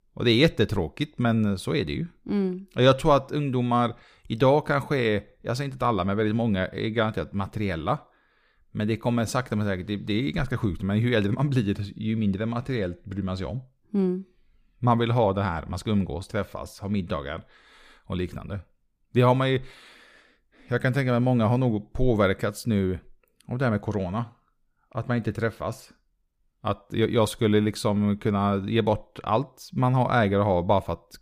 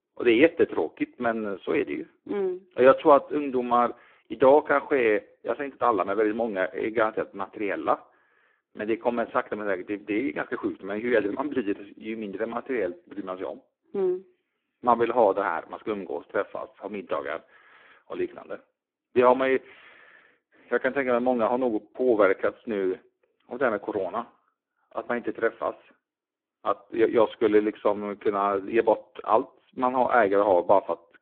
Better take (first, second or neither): first